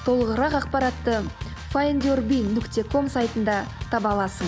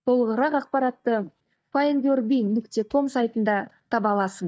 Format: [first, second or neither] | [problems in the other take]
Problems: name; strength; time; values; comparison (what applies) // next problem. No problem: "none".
first | noise reduction (neural mask model DeepFilterNet 3)